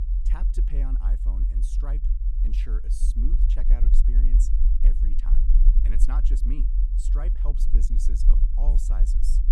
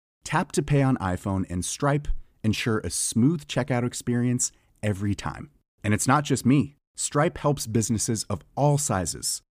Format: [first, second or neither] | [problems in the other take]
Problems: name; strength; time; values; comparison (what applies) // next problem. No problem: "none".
second | low rumble; loud; throughout; 2 dB below the speech